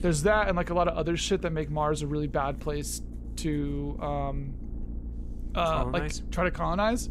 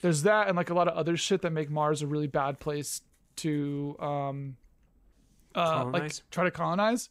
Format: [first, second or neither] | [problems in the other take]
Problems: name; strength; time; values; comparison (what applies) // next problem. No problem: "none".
second | low rumble; faint; throughout; 20 dB below the speech